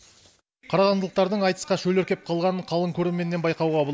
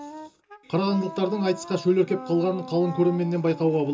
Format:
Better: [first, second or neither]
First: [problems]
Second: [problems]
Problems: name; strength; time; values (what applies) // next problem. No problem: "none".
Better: first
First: none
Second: background sound (Wind instrument, woodwind instrument); 15 dB below the speech // room echo; dies away in 0.2 s